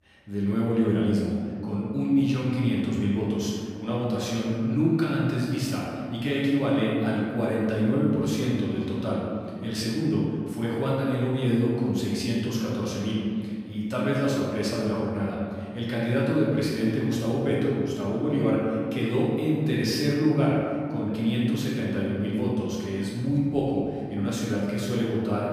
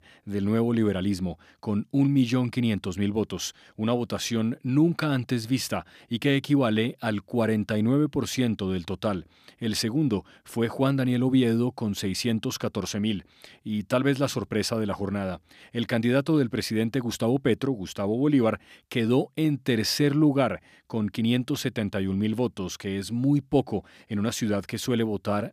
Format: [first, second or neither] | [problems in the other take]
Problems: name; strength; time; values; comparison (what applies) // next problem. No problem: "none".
second | room echo; strong; dies away in 2 s // off-mic speech; far